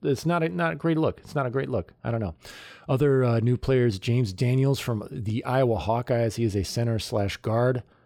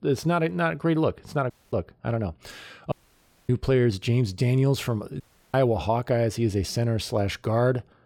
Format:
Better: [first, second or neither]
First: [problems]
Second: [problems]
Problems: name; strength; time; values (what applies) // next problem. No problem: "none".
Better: first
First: none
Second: audio cutting out; at 1.5 s, at 3 s for 0.5 s and at 5 s